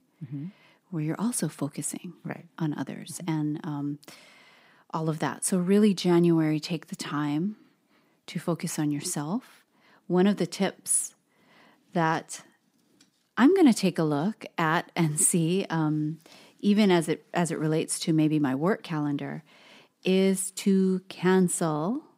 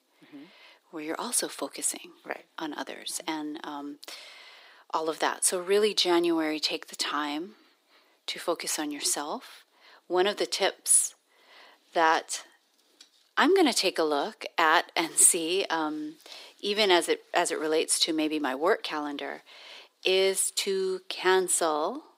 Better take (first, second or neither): first